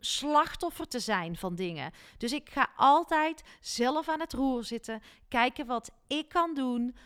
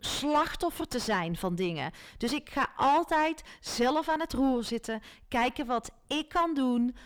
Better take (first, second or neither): first